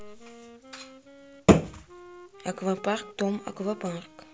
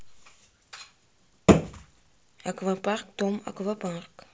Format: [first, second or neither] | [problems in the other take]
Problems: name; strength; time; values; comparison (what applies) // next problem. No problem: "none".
second | background sound (Wind instrument, woodwind instrument); 20 dB below the speech